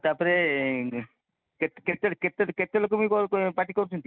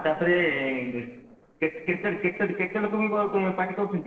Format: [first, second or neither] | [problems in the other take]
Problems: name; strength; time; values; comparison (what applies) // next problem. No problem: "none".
first | noise reduction (neural separator model SepFormer DNS4)